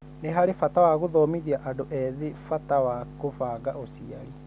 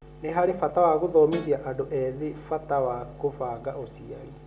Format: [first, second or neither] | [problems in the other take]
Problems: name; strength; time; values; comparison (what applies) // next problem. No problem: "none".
first | background sound (Guitar); 14 dB below the speech // room echo; dies away in 1 s